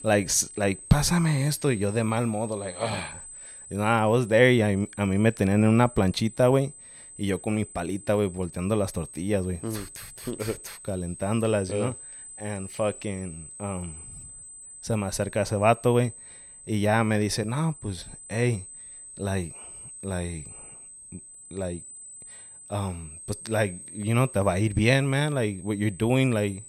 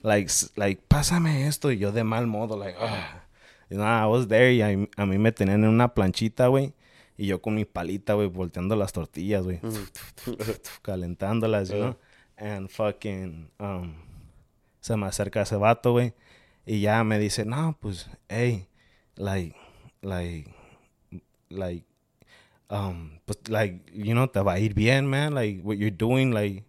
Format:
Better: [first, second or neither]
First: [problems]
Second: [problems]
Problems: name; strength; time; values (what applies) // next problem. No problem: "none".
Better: second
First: high-pitched whine; noticeable; throughout; 8 kHz, 15 dB below the speech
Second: none